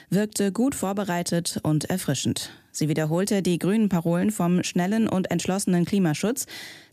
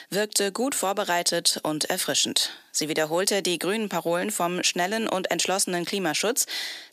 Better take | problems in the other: first | thin; somewhat; fading below 500 Hz

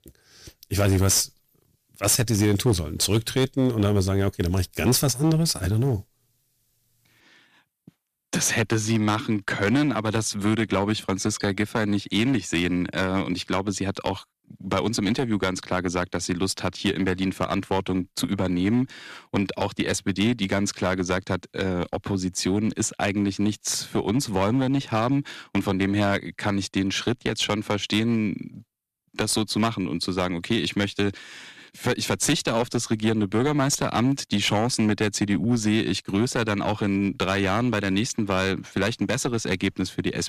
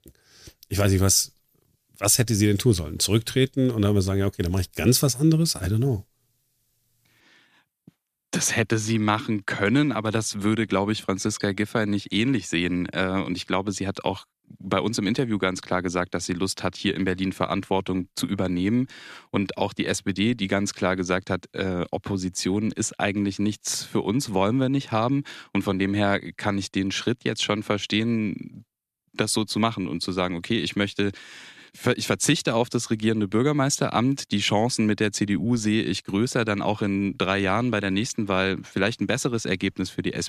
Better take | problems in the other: second | distortion; slight; 5% of the sound clipped

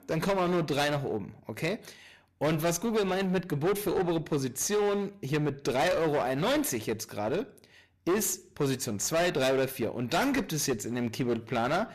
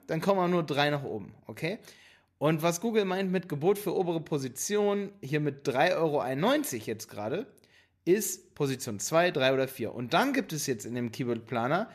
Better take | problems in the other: second | distortion; heavy; 16% of the sound clipped

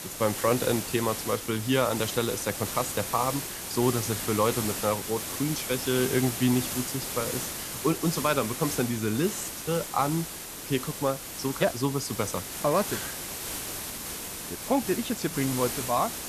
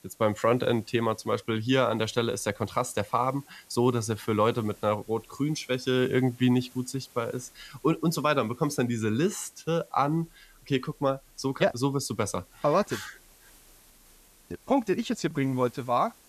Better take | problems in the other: second | hiss; loud; throughout; 4 dB below the speech; faint in the second

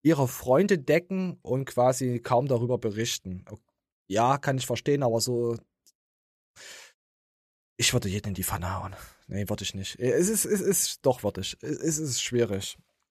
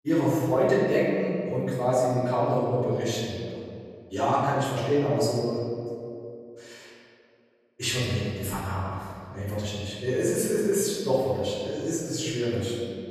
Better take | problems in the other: first | off-mic speech; far // room echo; strong; dies away in 2.2 s

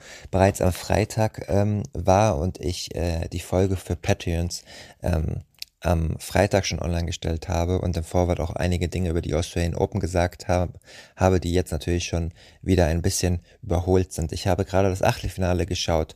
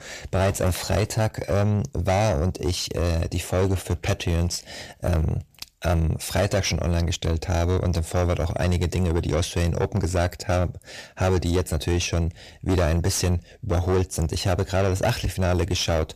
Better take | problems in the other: first | distortion; heavy; 8 dB below the speech

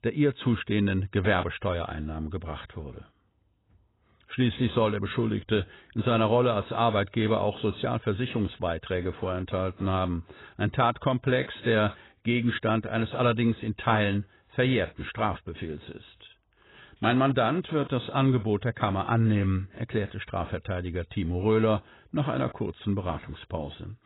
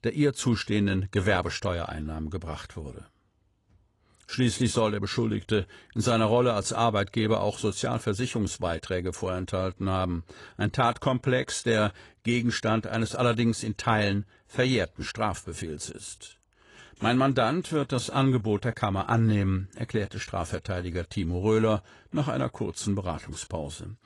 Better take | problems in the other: second | garbled, watery; badly; nothing above 4 kHz; slightly in the second

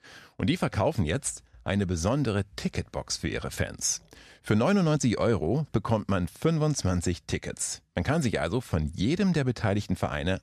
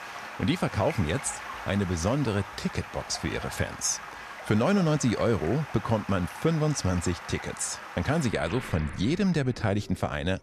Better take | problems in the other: first | rain or running water; noticeable; throughout; 10 dB below the speech

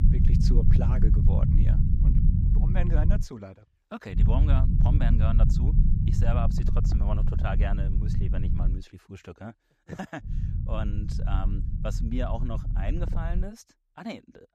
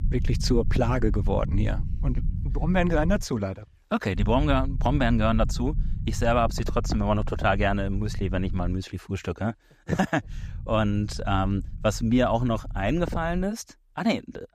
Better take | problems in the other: second | low rumble; loud; until 3 s, from 4 to 9 s and from 10 to 13 s; 1 dB below the speech; faint in the second

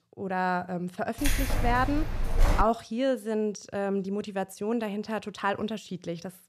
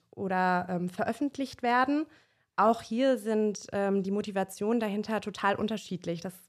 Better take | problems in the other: second | jangling keys; loud; from 1 to 2.5 s; peak 2 dB above the speech

